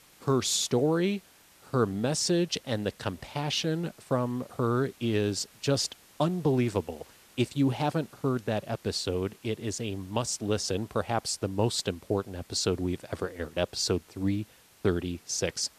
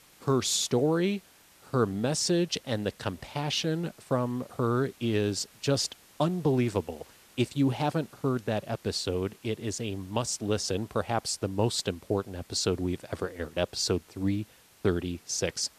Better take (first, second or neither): neither